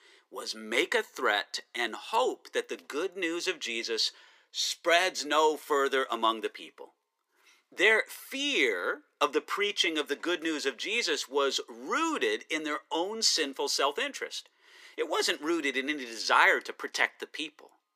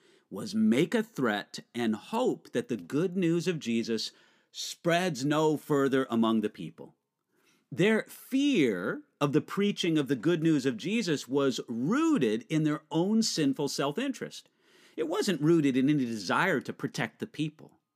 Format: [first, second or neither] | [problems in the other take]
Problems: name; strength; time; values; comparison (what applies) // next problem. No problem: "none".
second | thin; very; fading below 400 Hz